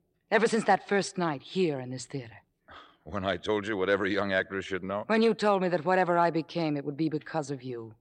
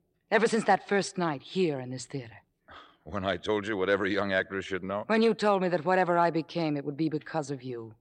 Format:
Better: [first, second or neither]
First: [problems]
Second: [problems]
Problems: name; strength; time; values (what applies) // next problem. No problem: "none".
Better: neither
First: none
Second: none